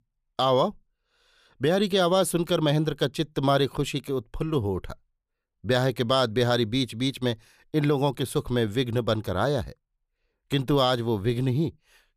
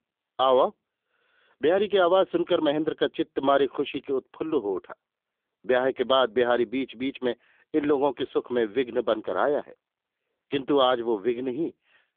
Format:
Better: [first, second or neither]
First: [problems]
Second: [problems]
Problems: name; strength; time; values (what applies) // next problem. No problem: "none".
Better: first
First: none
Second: phone-call audio; poor line; nothing above 3.5 kHz